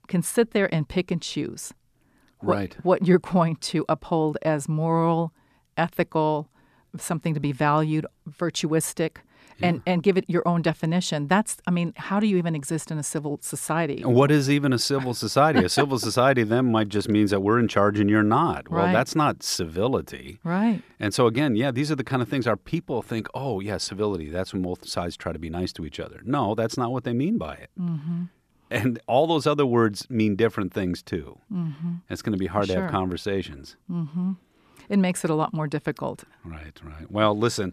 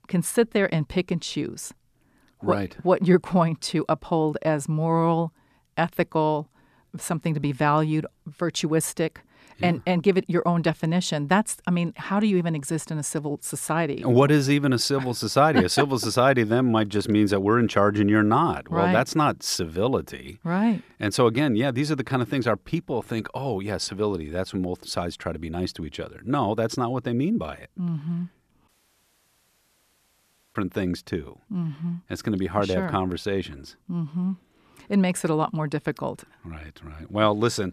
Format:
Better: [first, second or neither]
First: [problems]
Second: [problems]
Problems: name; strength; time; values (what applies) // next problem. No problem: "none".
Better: first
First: none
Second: audio cutting out; at 29 s for 2 s